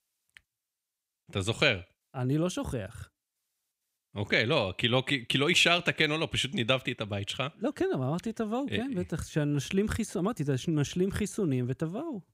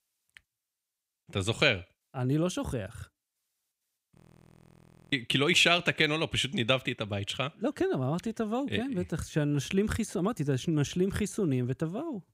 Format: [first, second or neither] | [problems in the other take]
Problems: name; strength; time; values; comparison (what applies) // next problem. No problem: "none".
first | audio freezing; at 4 s for 1 s